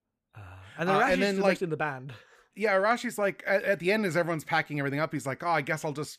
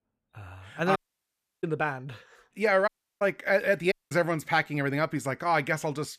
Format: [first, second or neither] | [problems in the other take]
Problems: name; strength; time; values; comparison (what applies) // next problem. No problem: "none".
first | audio cutting out; at 1 s for 0.5 s, at 3 s and at 4 s